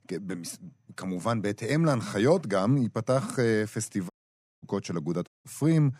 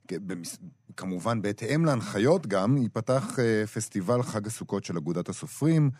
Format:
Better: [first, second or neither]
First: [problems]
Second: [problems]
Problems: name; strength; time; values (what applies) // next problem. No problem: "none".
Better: second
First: audio cutting out; at 4 s for 0.5 s and at 5.5 s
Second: none